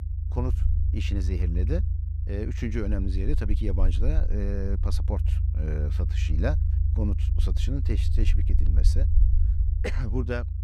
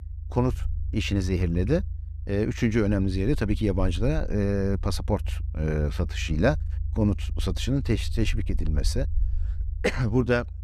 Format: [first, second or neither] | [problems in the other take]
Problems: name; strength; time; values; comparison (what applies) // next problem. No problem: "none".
second | low rumble; loud; throughout; 7 dB below the speech; faint in the second